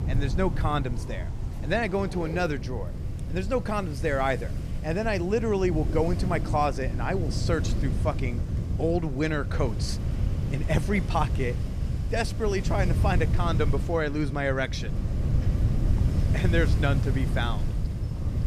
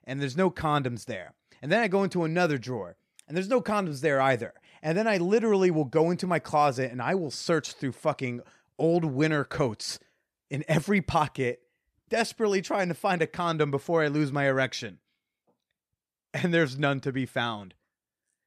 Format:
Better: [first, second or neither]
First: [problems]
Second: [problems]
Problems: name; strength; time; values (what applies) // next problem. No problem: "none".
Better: second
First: wind noise on the microphone; occasional gusts; 10 dB below the speech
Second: none